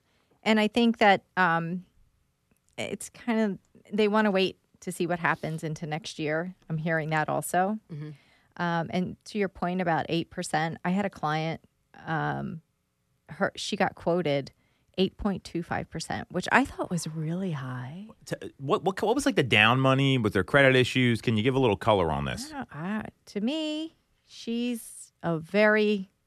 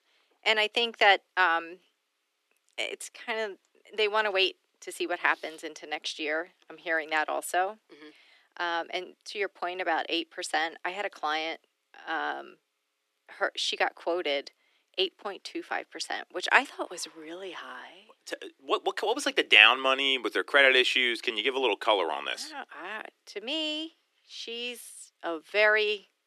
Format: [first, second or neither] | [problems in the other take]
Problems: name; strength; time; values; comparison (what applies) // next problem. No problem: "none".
first | thin; very; fading below 300 Hz